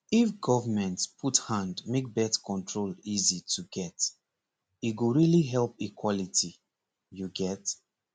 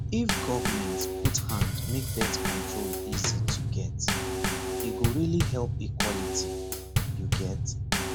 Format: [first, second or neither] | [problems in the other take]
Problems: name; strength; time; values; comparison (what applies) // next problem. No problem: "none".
first | background sound (Bass drum / Snare drum / Drum kit); 5 dB above the speech